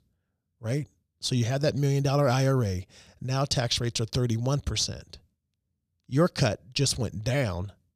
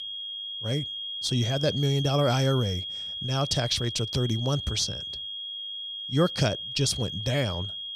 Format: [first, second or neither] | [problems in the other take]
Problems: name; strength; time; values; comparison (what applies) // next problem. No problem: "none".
first | high-pitched whine; loud; throughout; 3.5 kHz, 5 dB below the speech